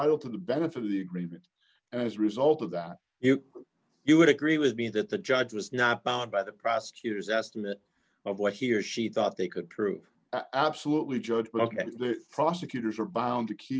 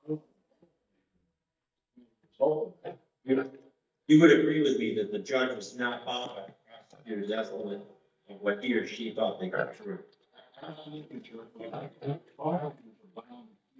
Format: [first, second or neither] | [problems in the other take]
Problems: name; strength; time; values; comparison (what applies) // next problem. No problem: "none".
first | noise reduction (neural mask model DeepFilterNet 3)